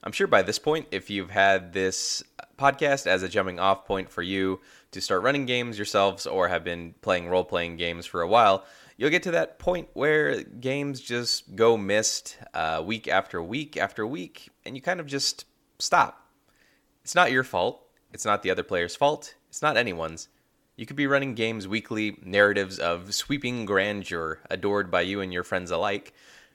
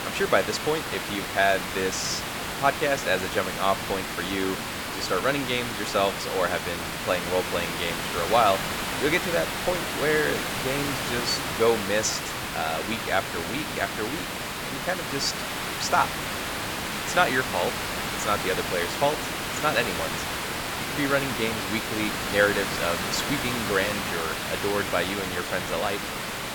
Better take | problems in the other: first | hiss; loud; throughout; 2 dB below the speech

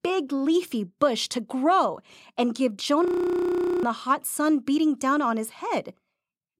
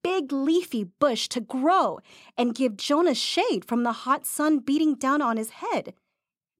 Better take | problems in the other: second | audio freezing; at 3 s for 1 s

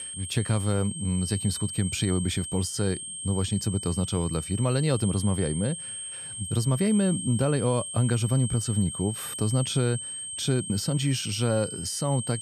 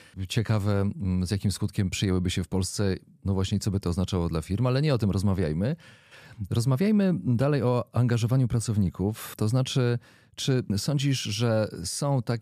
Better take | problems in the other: second | high-pitched whine; loud; throughout; 8.5 kHz, 7 dB below the speech

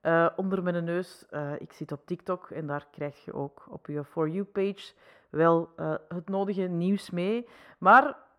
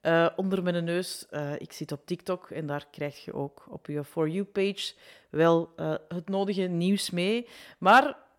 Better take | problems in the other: second | muffled; slightly; fading above 2.5 kHz

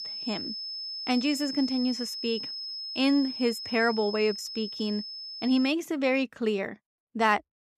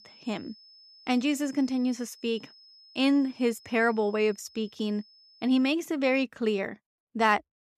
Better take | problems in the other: second | high-pitched whine; loud; until 5.5 s; 5 kHz, 6 dB below the speech; faint in the second

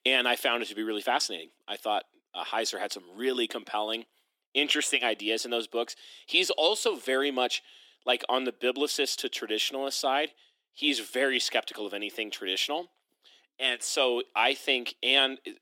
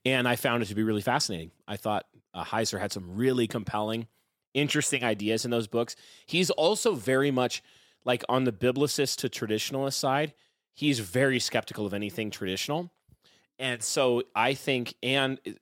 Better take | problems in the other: second | thin; somewhat; fading below 300 Hz

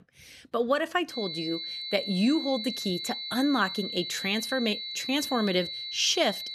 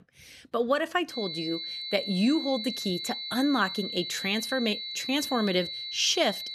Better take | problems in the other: neither | high-pitched whine; loud; from 1 s on; 4 kHz, 5 dB below the speech; the same in both

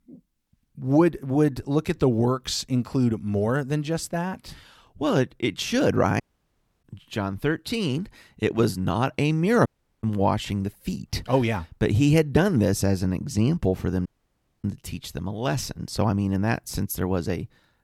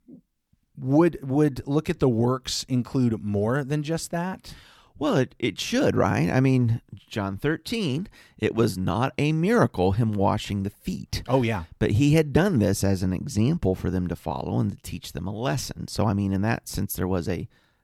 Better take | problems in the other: second | audio cutting out; at 6 s for 0.5 s, at 9.5 s and at 14 s for 0.5 s

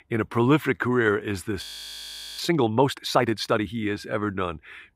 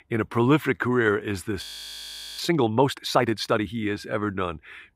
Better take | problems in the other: neither | audio freezing; at 1.5 s for 1 s; the same in both

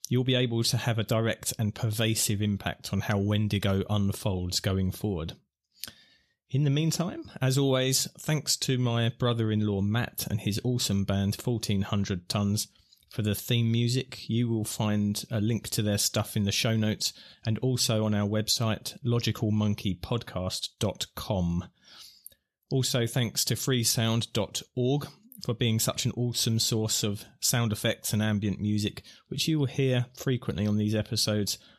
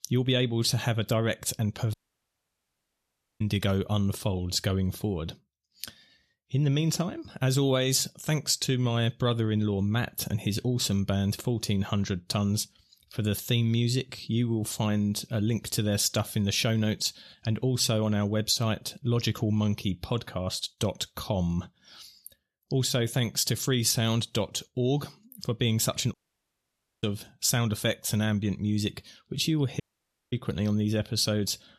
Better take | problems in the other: first | audio cutting out; at 2 s for 1.5 s, at 26 s for 1 s and at 30 s for 0.5 s

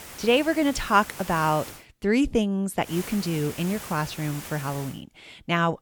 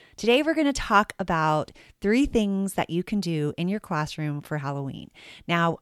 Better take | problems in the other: second | hiss; noticeable; until 2 s and from 3 to 5 s; 15 dB below the speech

